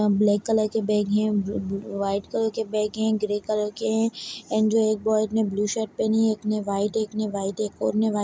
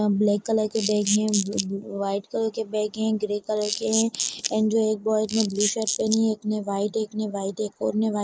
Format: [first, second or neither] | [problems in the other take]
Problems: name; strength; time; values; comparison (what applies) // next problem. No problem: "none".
first | noise reduction (neural mask model Resemble Enhance denoiser)